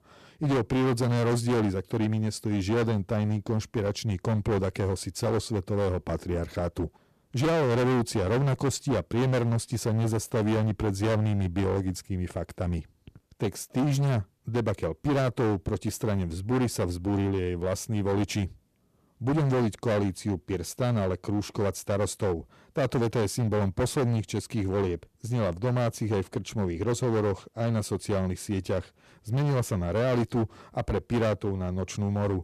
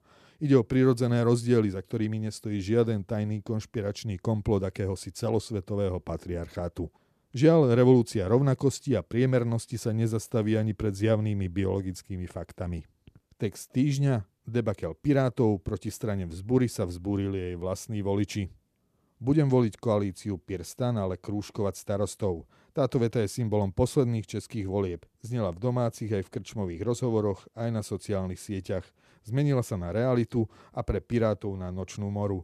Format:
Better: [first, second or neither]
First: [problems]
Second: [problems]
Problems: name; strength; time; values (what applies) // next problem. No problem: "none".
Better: second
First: distortion; heavy; 20% of the sound clipped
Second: none